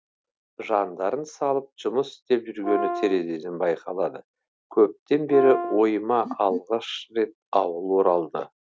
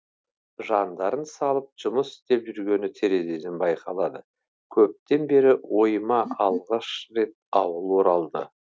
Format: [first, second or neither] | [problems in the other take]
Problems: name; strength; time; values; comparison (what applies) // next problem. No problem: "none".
second | background sound (Brass instrument); 6 dB below the speech